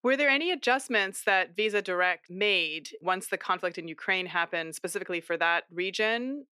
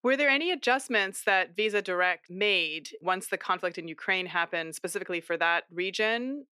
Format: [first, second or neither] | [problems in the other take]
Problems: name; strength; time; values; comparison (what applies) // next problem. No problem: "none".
neither | thin; very slightly; fading below 300 Hz; the same in both